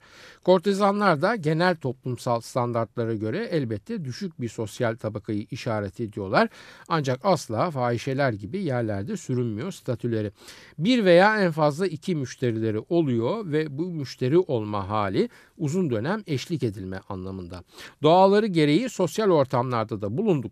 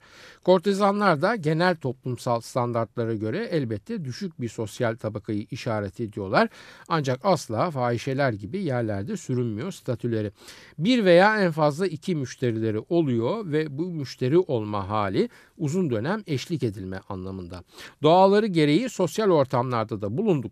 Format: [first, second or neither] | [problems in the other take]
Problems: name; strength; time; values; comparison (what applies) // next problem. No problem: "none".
neither | none